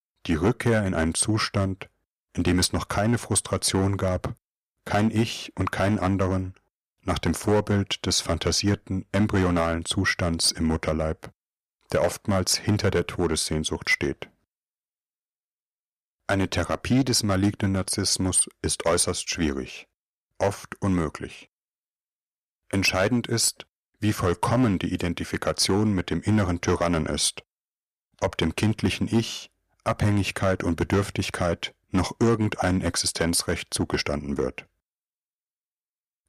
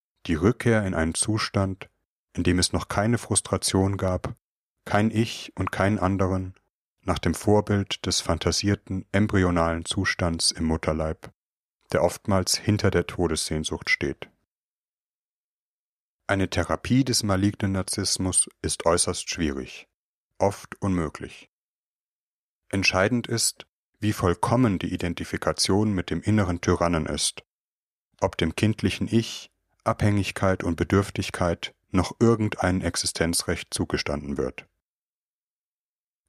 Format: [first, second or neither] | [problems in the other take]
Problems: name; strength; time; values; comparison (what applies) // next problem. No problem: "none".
second | distortion; slight; 3% of the sound clipped